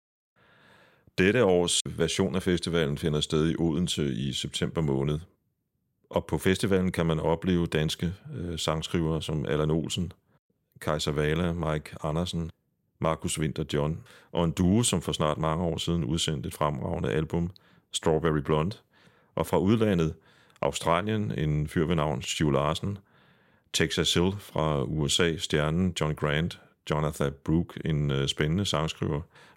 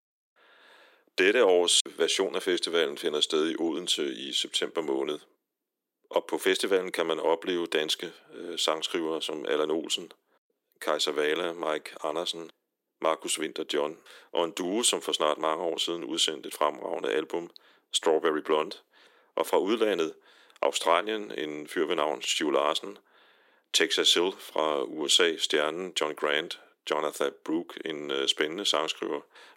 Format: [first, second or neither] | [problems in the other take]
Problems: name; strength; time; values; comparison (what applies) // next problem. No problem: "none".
first | thin; very; fading below 300 Hz